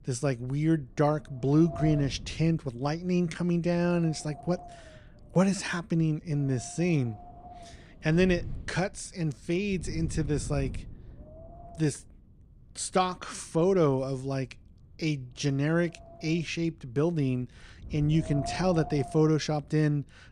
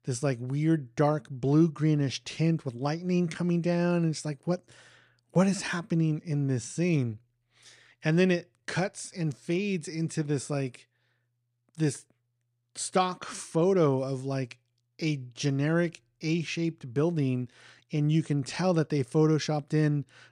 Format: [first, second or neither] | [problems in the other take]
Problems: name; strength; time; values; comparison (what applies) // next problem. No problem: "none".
second | wind noise on the microphone; occasional gusts; 15 dB below the speech